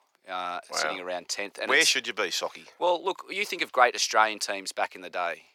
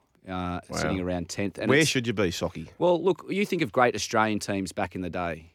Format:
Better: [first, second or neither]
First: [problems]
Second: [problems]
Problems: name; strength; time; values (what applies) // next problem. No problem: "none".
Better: second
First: thin; very; fading below 800 Hz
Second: none